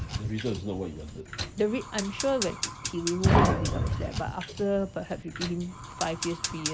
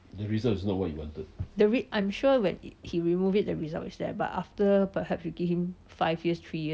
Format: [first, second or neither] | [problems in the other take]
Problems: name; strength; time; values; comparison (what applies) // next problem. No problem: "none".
second | background sound (Fire); 1 dB above the speech